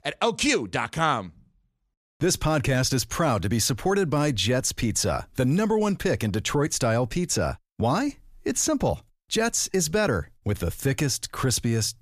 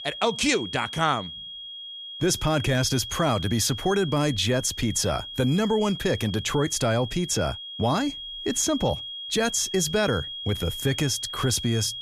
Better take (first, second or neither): first